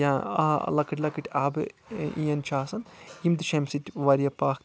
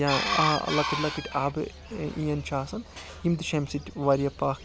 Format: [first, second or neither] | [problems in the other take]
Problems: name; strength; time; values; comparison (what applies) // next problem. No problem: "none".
first | background sound (Chicken, rooster); 6 dB below the speech